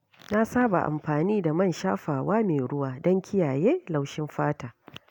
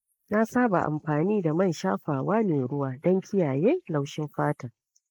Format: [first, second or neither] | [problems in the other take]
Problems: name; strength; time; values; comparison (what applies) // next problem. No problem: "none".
first | noise reduction (neural mask model Resemble Enhance denoiser)